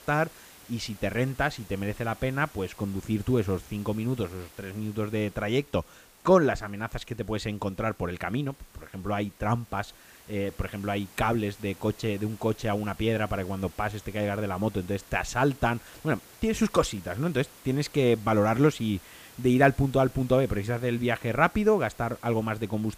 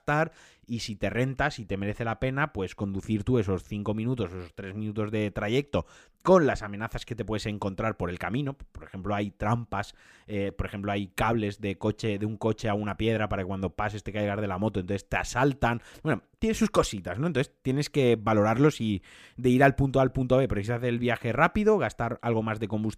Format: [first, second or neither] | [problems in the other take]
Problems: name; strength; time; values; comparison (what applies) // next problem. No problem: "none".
second | hiss; faint; throughout; 20 dB below the speech